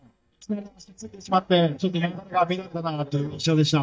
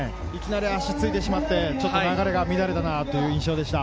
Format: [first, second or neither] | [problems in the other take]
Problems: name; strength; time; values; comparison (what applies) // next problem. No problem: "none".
second | noise reduction (neural mask model DeepFilterNet 3)